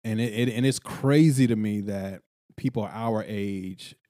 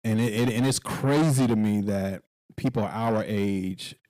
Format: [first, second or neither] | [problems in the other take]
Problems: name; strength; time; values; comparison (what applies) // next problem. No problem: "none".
first | distortion; heavy; 6 dB below the speech